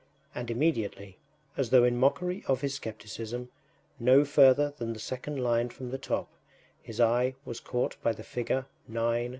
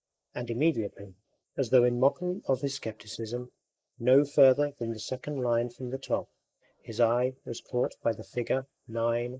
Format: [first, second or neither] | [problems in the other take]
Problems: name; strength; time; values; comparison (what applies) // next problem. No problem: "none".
first | noise reduction (neural mask model Resemble Enhance denoiser)